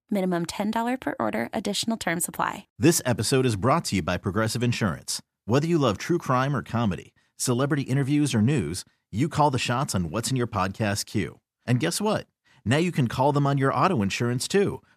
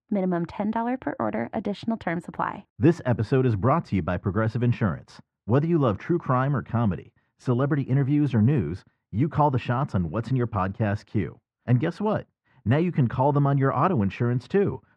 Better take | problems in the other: first | muffled; very; fading above 1.5 kHz

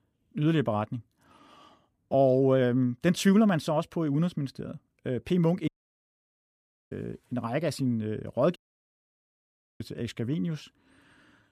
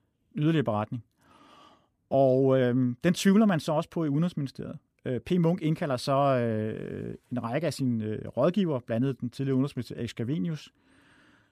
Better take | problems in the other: second | audio cutting out; at 5.5 s for 1 s and at 8.5 s for 1 s

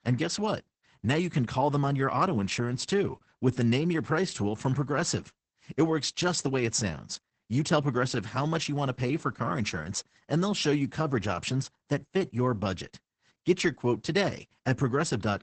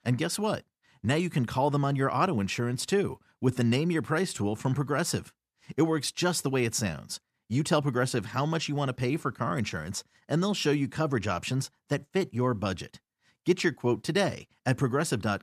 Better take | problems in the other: second | garbled, watery; badly; nothing above 8 kHz

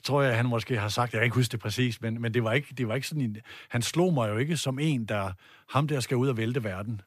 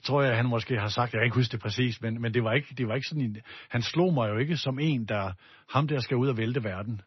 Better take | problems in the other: first | garbled, watery; slightly; nothing above 6 kHz

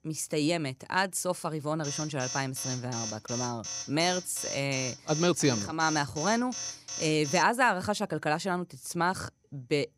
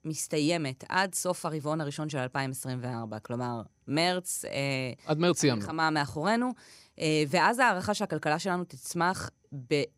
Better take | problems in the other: second | alarm; noticeable; from 2 to 7.5 s; peak 6 dB below the speech

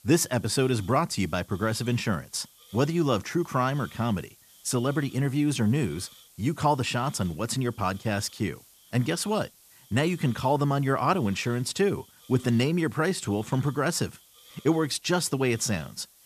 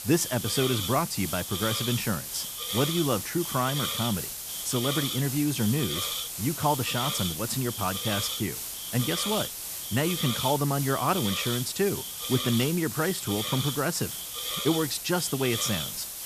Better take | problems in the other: first | hiss; loud; throughout; 2 dB below the speech; faint in the first

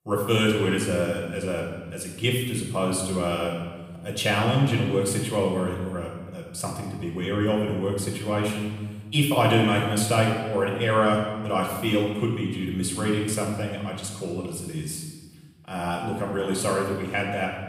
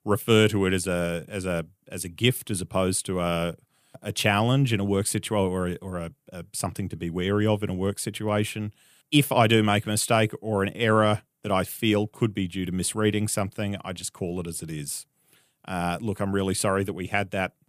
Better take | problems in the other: second | off-mic speech; far // room echo; noticeable; dies away in 1.2 s

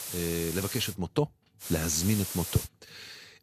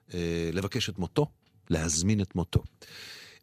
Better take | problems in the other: second | hiss; loud; at the start and from 1.5 to 2.5 s; 5 dB below the speech

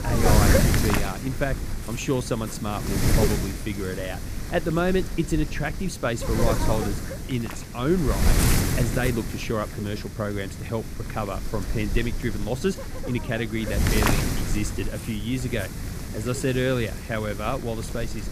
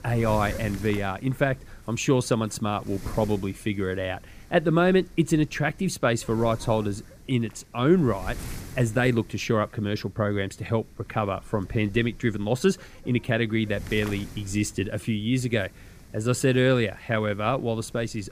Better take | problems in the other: second | wind noise on the microphone; heavy; 2 dB below the speech; occasional gusts in the second

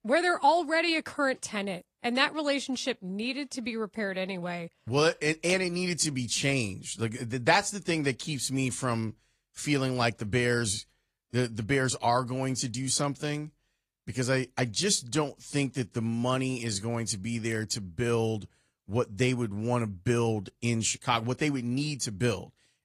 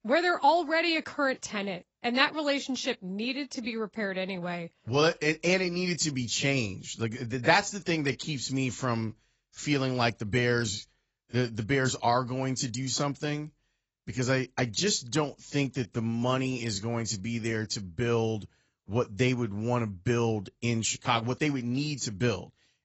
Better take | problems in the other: first | garbled, watery; badly; nothing above 7.5 kHz; slightly in the first

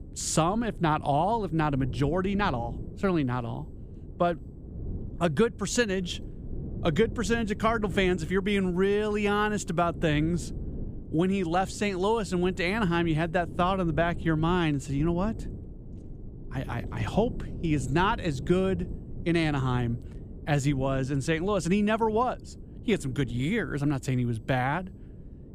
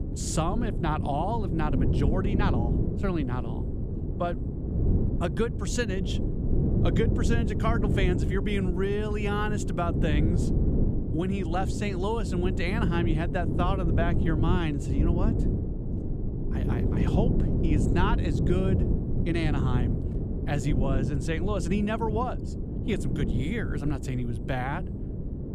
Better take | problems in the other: first | wind noise on the microphone; heavy; 5 dB below the speech; occasional gusts in the first

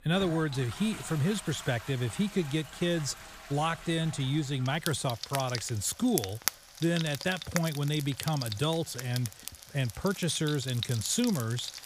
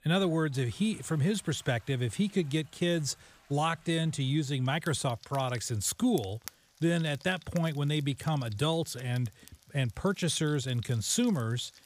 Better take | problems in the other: second | household noises; loud; throughout; 9 dB below the speech; faint in the second

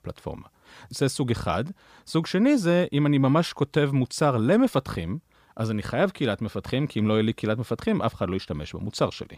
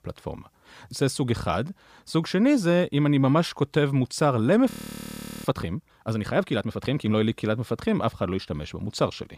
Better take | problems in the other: first | audio freezing; at 4.5 s for 0.5 s

